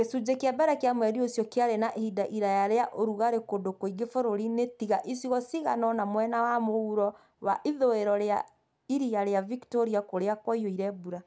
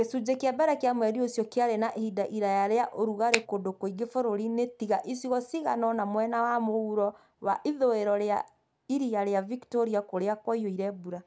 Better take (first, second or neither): first